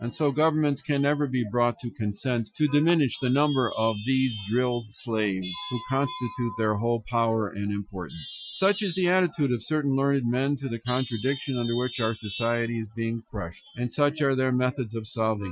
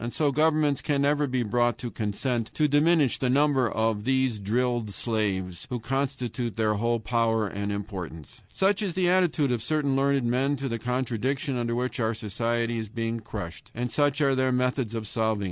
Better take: second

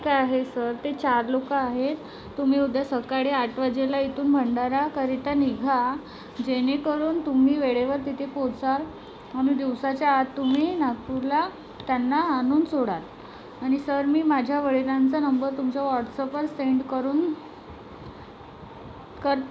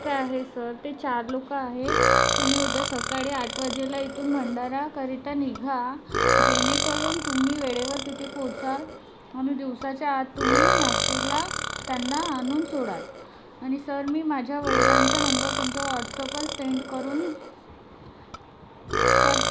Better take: first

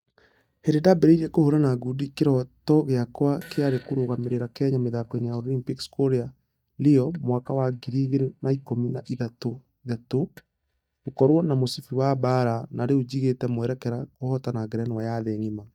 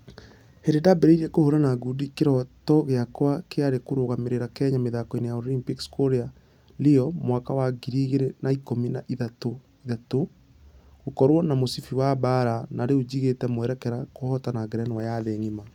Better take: second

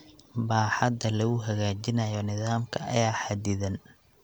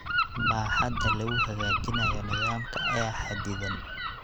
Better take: first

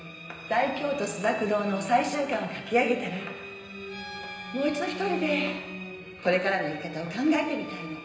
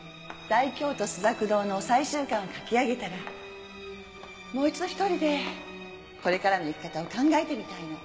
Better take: second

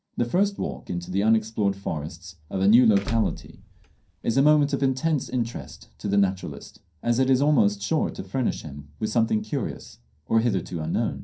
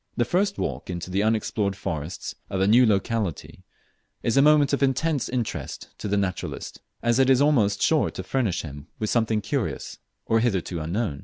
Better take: second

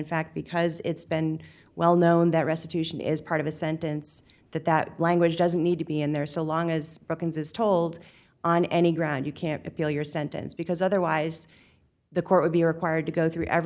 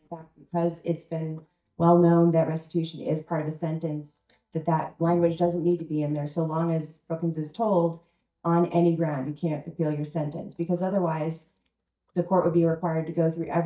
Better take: first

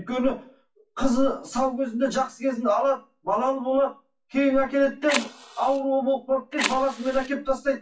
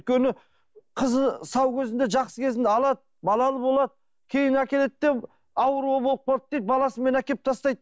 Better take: second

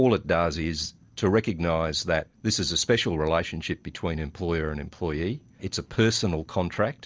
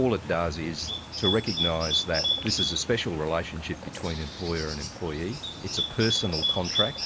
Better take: first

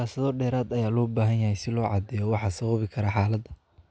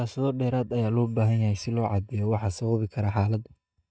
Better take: first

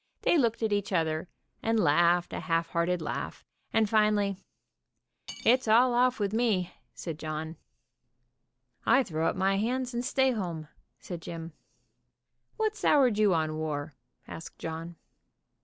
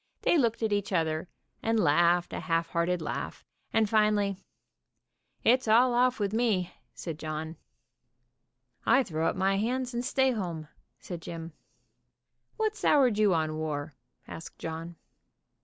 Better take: second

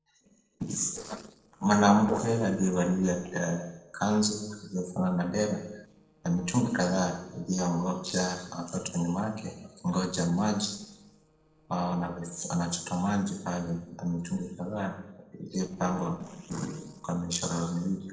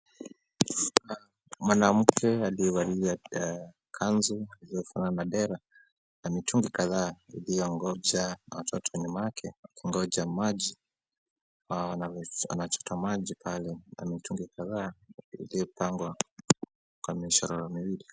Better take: second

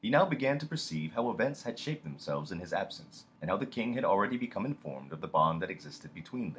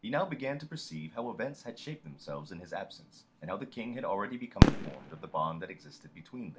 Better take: first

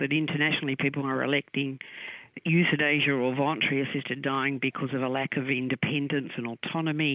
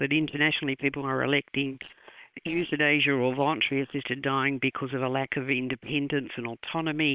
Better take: first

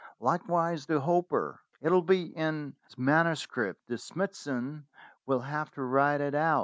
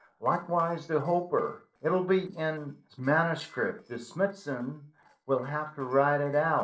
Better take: first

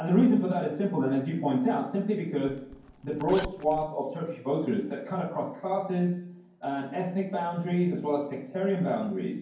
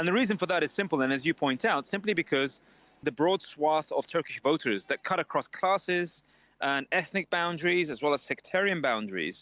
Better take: second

